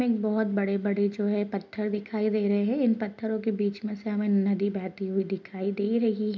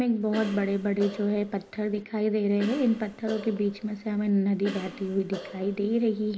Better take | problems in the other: first | background sound (Cough); 16 dB below the speech

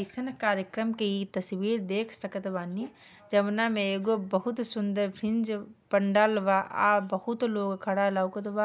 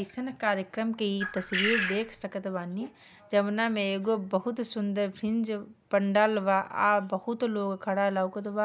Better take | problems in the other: first | background sound (Bird); 3 dB below the speech

